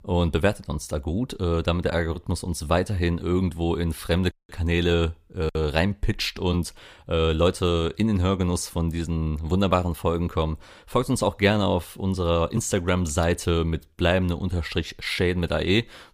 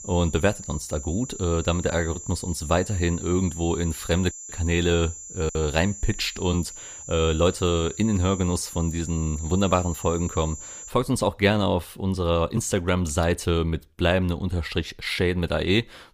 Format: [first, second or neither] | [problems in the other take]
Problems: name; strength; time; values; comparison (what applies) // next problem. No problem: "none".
first | high-pitched whine; noticeable; until 11 s; 7.5 kHz, 10 dB below the speech